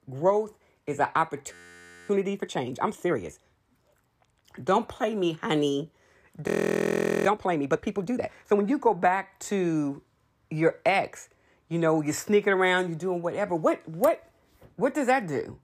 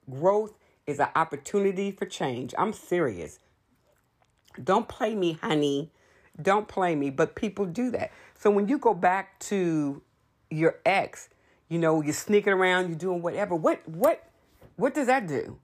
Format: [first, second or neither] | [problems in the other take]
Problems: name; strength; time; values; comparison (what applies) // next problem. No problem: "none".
second | audio freezing; at 1.5 s for 0.5 s and at 6.5 s for 1 s